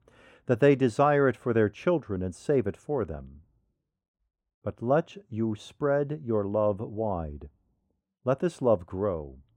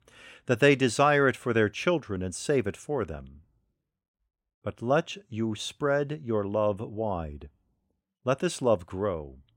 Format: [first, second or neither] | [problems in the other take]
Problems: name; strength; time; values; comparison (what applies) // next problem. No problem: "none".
second | muffled; slightly; fading above 1.5 kHz